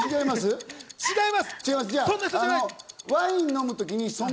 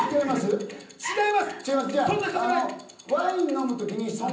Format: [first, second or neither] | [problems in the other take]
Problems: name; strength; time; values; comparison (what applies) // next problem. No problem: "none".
first | room echo; dies away in 0.6 s